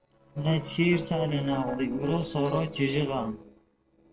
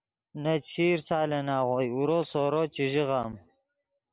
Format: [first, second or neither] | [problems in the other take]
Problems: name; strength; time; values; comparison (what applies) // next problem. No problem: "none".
second | noise reduction (neural separator model SepFormer DNS4)